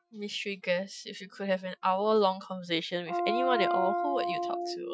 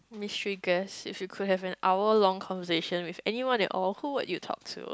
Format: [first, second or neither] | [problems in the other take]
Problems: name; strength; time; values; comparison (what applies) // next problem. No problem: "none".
second | noise reduction (classical method Wiener filter)